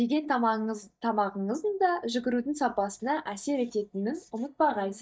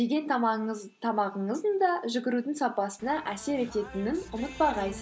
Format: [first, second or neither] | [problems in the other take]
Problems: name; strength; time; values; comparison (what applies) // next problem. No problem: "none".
second | noise reduction (neural mask model DeepFilterNet 3)